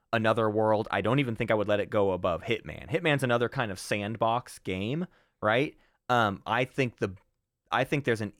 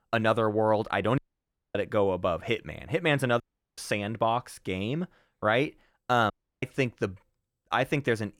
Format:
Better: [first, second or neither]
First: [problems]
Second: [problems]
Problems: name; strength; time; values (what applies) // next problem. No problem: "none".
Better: first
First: none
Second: audio cutting out; at 1 s for 0.5 s, at 3.5 s and at 6.5 s